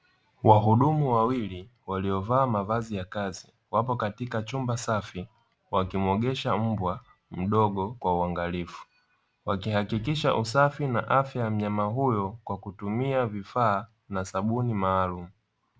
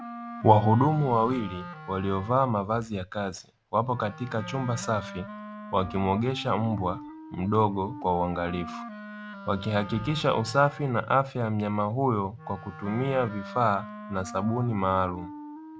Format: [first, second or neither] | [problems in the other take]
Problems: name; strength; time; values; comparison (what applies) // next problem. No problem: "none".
first | background sound (Wind instrument, woodwind instrument); 14 dB below the speech